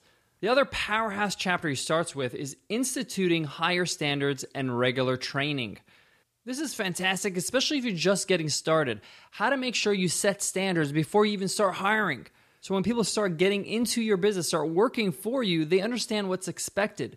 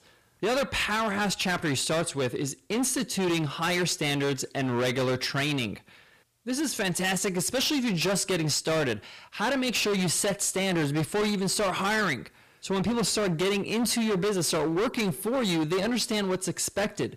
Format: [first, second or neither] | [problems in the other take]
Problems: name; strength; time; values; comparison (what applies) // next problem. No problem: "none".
first | distortion; heavy; 25% of the sound clipped